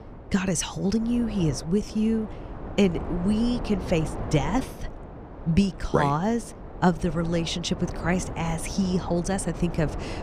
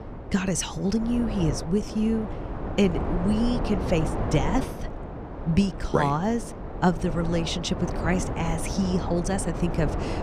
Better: first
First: wind noise on the microphone; occasional gusts; 10 dB below the speech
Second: wind noise on the microphone; heavy; 6 dB below the speech

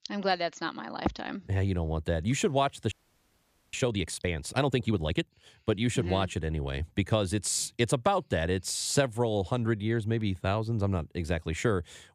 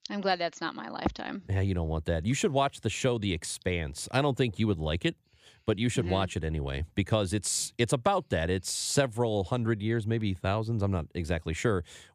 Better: second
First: audio freezing; at 3 s for 1 s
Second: none

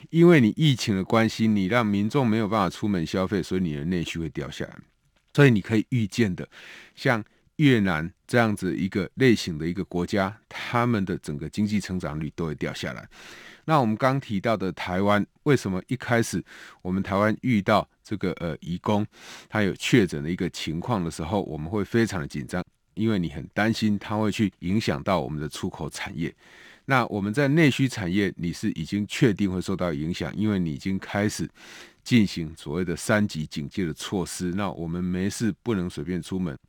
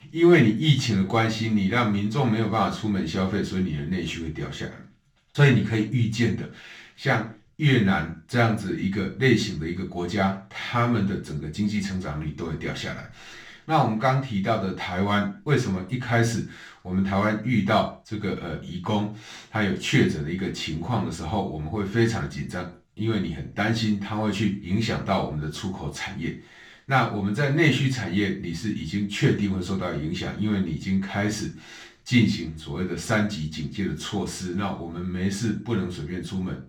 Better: first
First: none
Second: room echo; slight; dies away in 0.3 s // off-mic speech; far

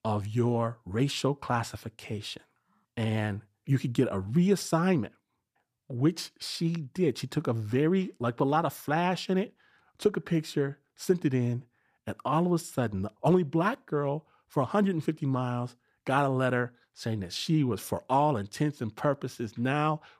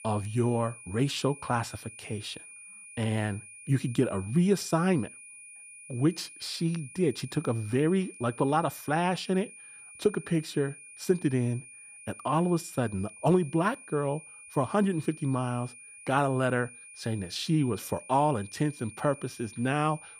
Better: first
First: none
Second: high-pitched whine; noticeable; throughout; 9.5 kHz, 15 dB below the speech

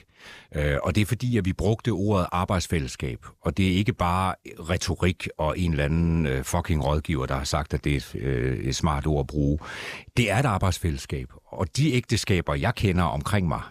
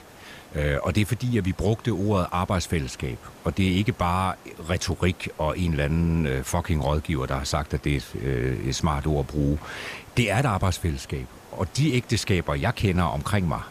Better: first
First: none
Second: hiss; faint; throughout; 20 dB below the speech

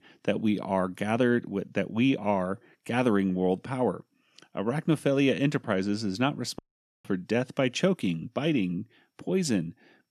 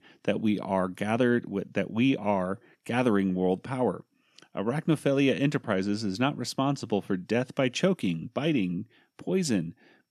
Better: second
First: audio cutting out; at 6.5 s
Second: none

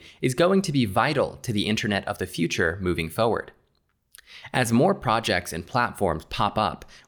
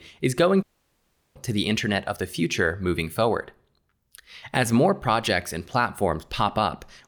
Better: first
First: none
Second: audio cutting out; at 0.5 s for 0.5 s

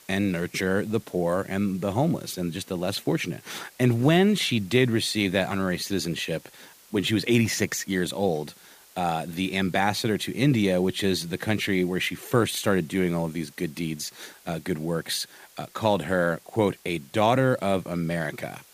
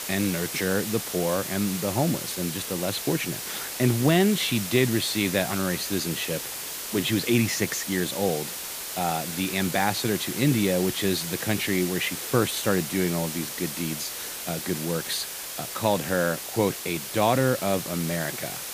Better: first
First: hiss; faint; throughout; 25 dB below the speech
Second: hiss; loud; throughout; 5 dB below the speech

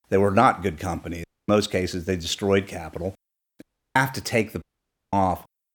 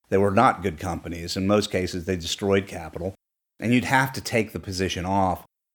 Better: second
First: audio cutting out; at 1 s, at 3.5 s and at 4.5 s for 0.5 s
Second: none

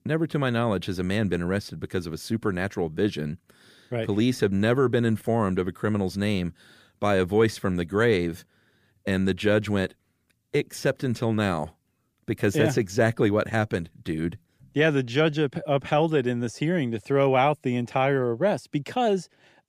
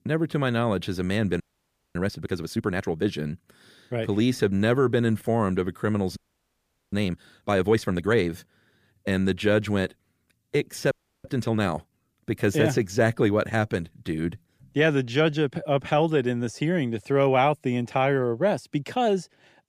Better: first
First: none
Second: audio freezing; at 1.5 s for 0.5 s, at 6 s for 1 s and at 11 s

